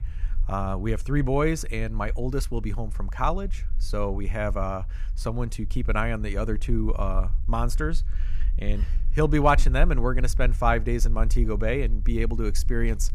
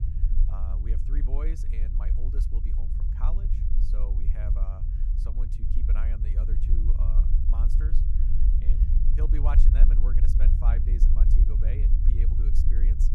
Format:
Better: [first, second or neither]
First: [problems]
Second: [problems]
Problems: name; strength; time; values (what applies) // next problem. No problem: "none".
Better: first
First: low rumble; faint; throughout; 25 dB below the speech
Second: low rumble; loud; throughout; 1 dB below the speech